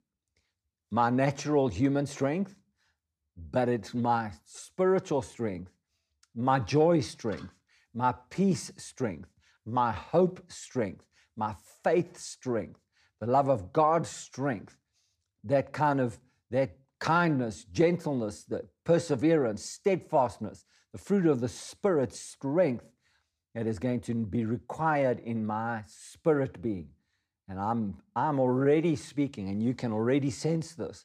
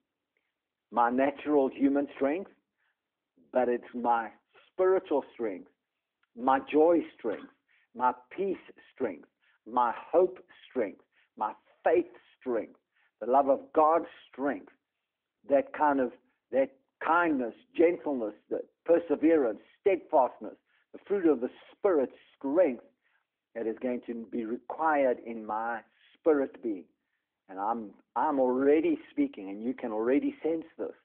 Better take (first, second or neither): first